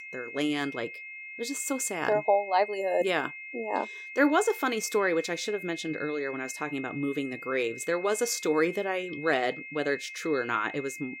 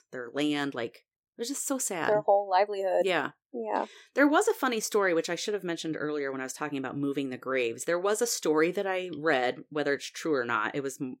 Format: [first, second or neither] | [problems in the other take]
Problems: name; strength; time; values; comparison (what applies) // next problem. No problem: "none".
second | high-pitched whine; noticeable; throughout; 2 kHz, 10 dB below the speech